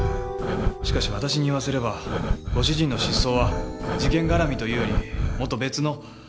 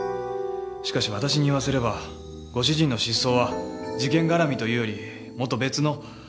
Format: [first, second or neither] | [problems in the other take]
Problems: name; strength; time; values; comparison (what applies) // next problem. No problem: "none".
second | background sound (Breathing); 1 dB below the speech